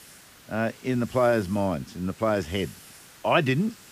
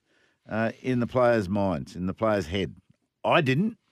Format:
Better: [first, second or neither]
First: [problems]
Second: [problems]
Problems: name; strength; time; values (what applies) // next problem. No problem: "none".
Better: second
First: hiss; faint; throughout; 20 dB below the speech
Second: none